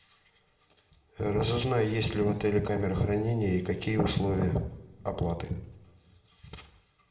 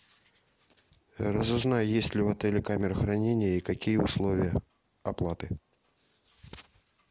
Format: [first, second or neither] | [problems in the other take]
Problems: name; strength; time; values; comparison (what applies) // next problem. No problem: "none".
second | room echo; dies away in 0.6 s